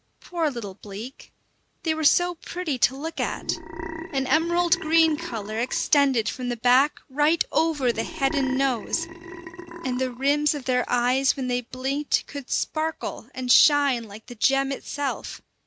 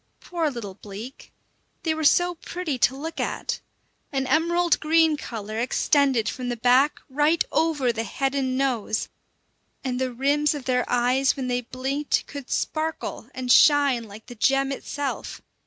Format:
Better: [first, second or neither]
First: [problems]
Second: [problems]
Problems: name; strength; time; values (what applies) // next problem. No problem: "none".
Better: second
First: background sound (Burping, eructation); 11 dB below the speech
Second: none